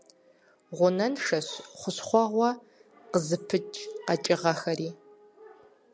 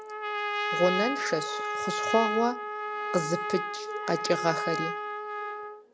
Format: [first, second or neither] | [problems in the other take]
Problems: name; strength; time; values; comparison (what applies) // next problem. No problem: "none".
first | background sound (Trumpet); 1 dB below the speech